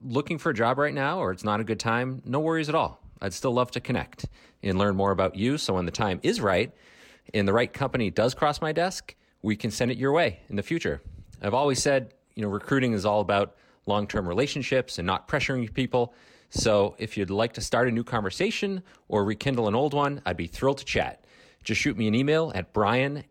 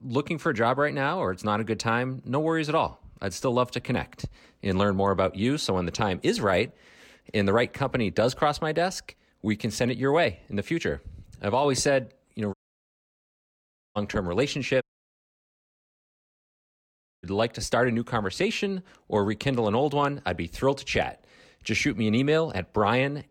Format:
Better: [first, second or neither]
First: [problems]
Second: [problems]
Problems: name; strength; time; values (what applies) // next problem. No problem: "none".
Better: first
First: none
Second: audio cutting out; at 13 s for 1.5 s and at 15 s for 2.5 s